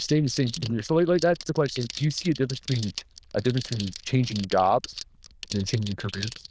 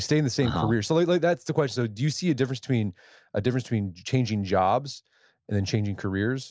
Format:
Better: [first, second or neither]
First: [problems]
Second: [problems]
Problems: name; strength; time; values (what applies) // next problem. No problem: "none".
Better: second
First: noise reduction (neural diffusion model UNIVERSE++)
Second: none